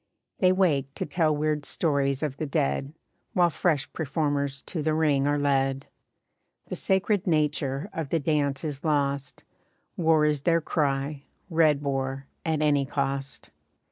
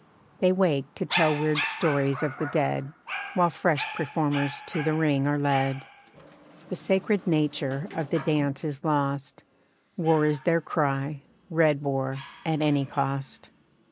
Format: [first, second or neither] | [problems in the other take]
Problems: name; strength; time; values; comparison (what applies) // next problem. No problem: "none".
first | background sound (Dog); 12 dB below the speech